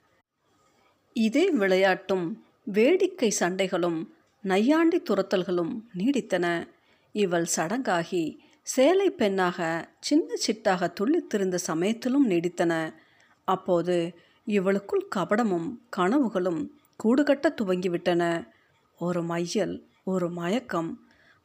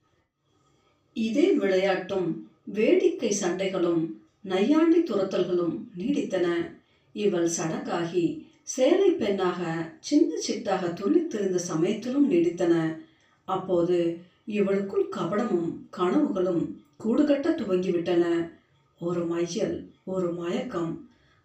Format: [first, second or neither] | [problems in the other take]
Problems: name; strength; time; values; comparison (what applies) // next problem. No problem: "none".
first | room echo; slight; dies away in 0.3 s // off-mic speech; far